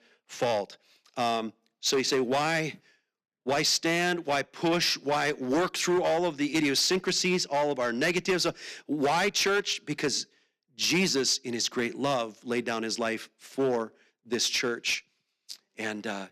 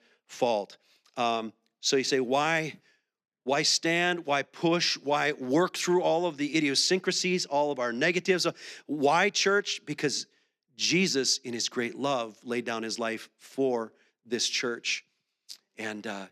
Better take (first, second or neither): second